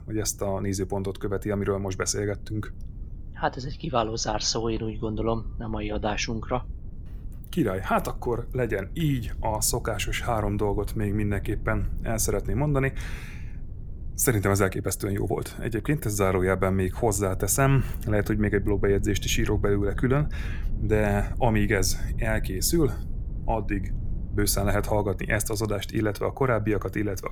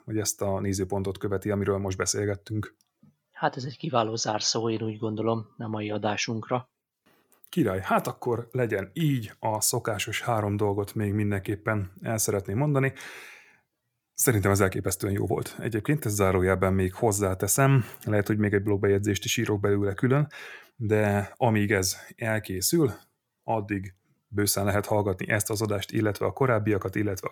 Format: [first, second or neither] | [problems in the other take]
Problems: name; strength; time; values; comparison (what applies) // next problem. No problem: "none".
second | low rumble; faint; throughout; 25 dB below the speech